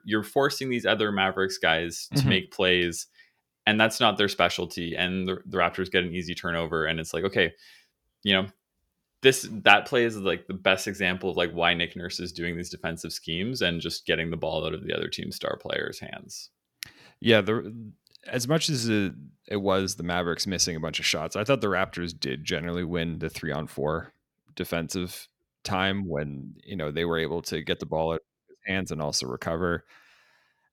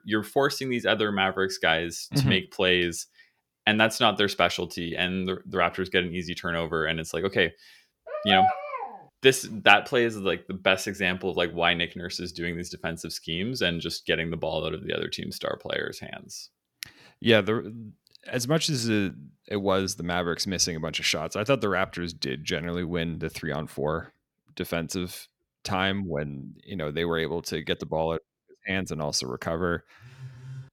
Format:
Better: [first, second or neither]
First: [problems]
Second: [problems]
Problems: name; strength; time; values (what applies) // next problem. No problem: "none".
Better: first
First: none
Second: dog barking; loud; at 8 s; peak 4 dB above the speech // phone ringing; faint; at 30 s; peak 15 dB below the speech